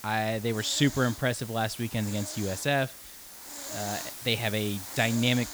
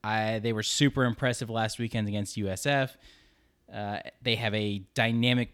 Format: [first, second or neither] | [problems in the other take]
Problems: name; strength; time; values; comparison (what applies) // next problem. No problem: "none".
second | hiss; loud; throughout; 10 dB below the speech